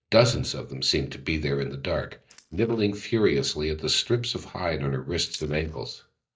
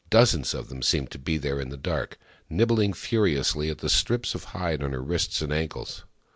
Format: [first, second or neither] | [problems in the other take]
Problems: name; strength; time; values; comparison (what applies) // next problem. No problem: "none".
second | noise reduction (neural mask model DeepFilterNet 3)